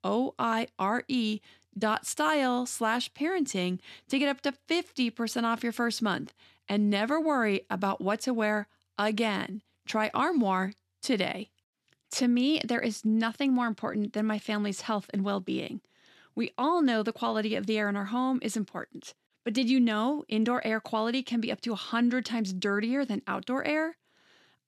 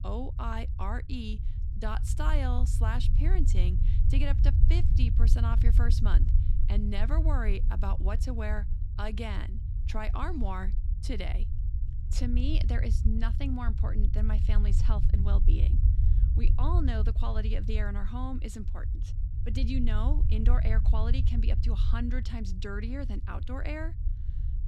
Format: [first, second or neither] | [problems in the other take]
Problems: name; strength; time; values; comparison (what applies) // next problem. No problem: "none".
first | low rumble; loud; throughout; 8 dB below the speech